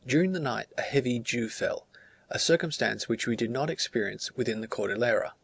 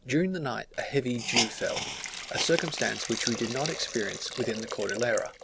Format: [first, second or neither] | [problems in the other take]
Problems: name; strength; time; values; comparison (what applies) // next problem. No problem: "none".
first | background sound (Hiss); 5 dB below the speech